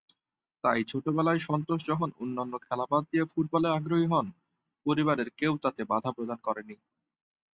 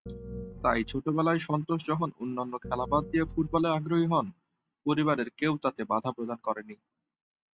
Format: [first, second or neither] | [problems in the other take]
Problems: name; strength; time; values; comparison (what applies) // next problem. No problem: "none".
first | background sound (Piano); 11 dB below the speech